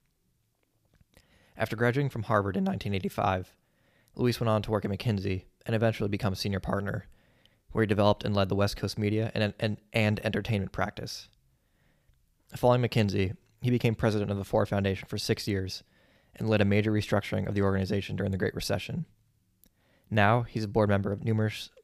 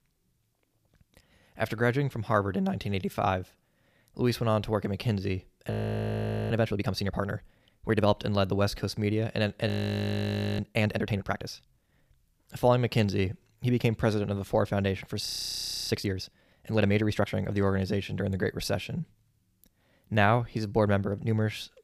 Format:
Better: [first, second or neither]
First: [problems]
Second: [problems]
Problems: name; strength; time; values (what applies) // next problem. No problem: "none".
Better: first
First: none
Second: audio freezing; at 5.5 s for 1 s, at 9.5 s for 1 s and at 15 s for 0.5 s